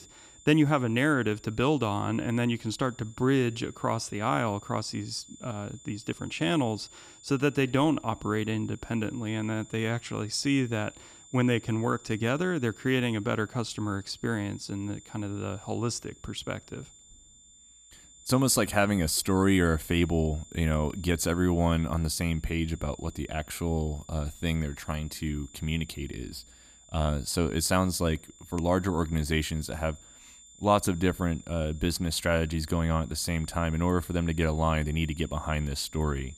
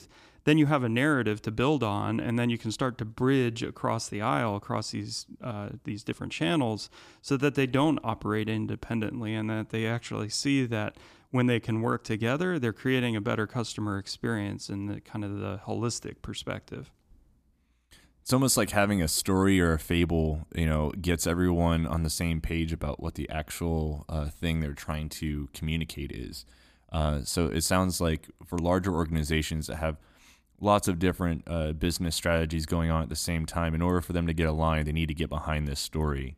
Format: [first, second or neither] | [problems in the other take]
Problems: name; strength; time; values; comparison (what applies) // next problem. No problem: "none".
second | high-pitched whine; faint; throughout; 7 kHz, 20 dB below the speech